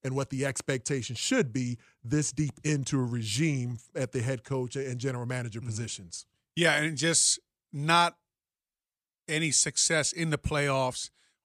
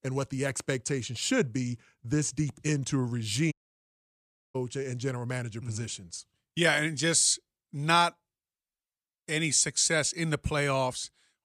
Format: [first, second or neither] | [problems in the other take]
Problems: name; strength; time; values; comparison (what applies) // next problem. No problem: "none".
first | audio cutting out; at 3.5 s for 1 s